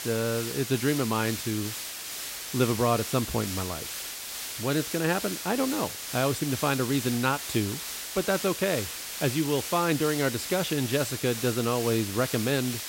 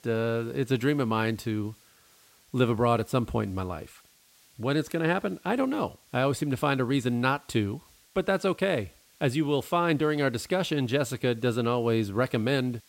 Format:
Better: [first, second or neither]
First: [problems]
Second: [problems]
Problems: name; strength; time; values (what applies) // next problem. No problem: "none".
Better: second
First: hiss; loud; throughout; 5 dB below the speech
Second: hiss; faint; throughout; 30 dB below the speech